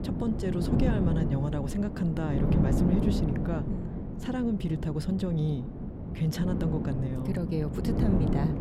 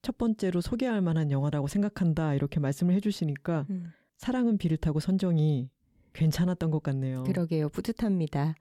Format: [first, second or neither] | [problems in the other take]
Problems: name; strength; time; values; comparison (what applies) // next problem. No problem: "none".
second | wind noise on the microphone; heavy; 1 dB below the speech